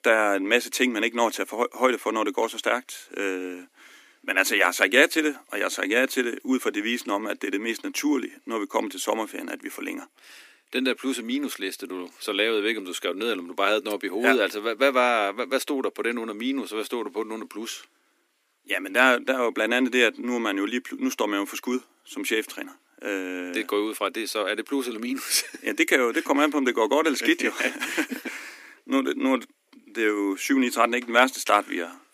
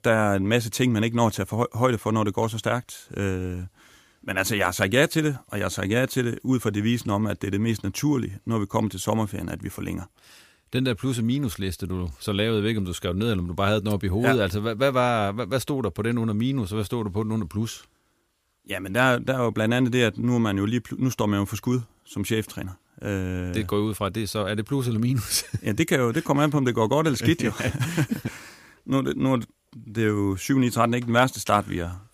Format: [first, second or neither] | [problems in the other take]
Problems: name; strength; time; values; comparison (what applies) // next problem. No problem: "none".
second | thin; very slightly; fading below 250 Hz